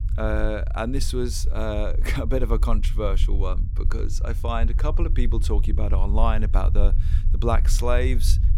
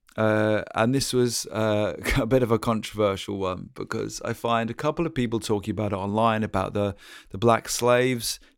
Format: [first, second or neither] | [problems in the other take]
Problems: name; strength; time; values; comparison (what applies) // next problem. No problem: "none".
second | low rumble; noticeable; throughout; 15 dB below the speech